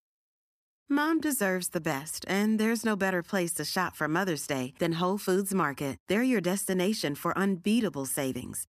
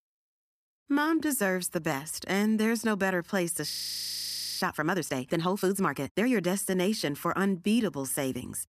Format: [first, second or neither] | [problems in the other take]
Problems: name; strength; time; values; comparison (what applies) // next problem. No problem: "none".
first | audio freezing; at 3.5 s for 1 s